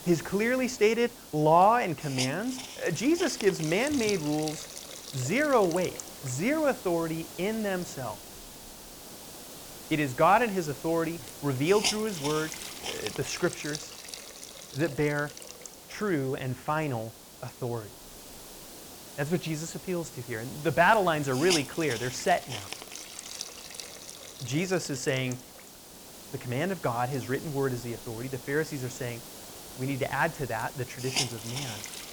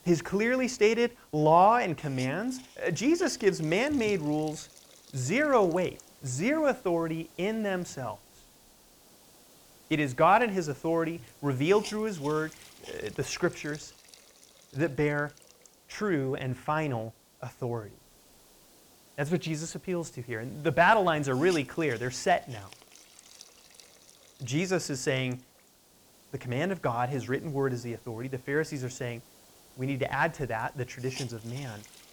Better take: second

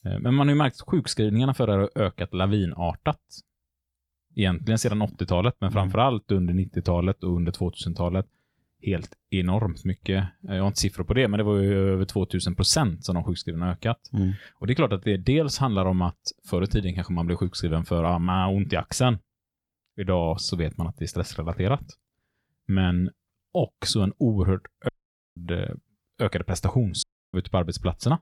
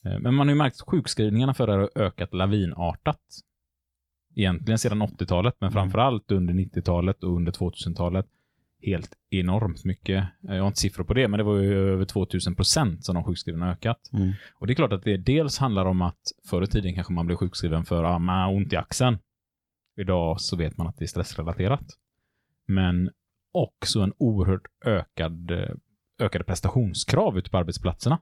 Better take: second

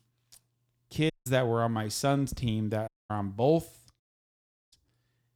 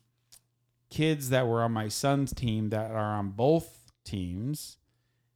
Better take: second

